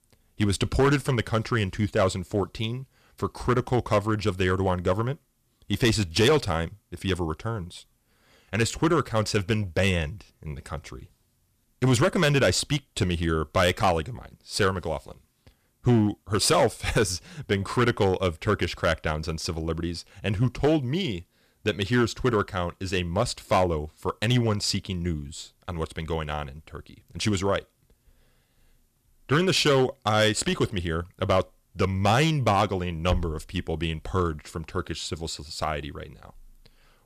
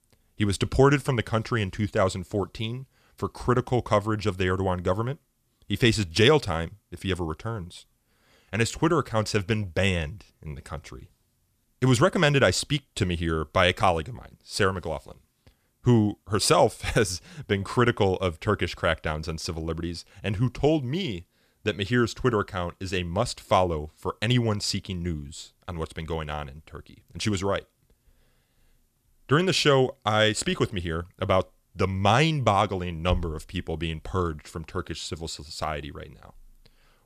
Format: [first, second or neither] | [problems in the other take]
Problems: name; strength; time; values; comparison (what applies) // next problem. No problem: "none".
second | distortion; slight; 3% of the sound clipped